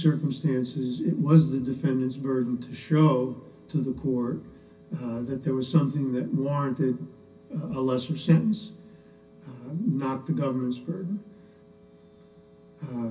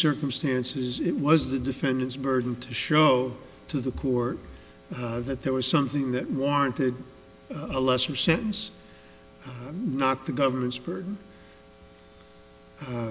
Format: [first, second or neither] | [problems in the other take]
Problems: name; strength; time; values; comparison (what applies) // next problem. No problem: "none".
second | room echo; dies away in 0.3 s